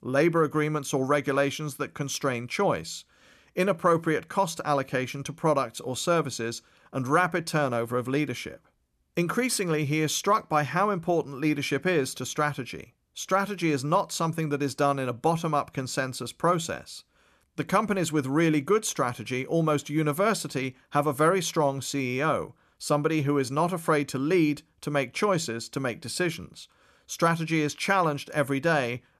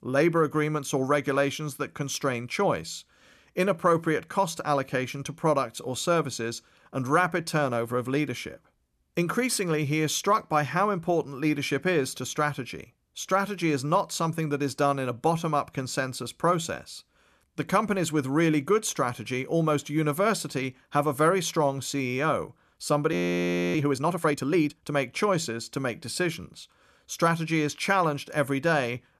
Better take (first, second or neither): first